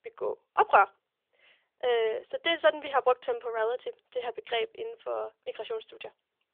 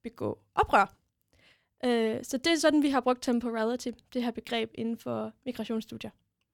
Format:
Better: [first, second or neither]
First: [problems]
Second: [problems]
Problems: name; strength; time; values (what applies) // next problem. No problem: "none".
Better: second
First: phone-call audio; nothing above 3.5 kHz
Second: none